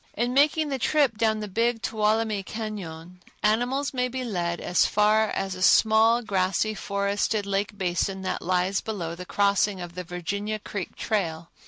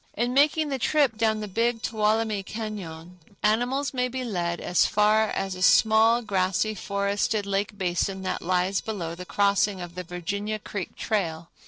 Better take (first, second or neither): first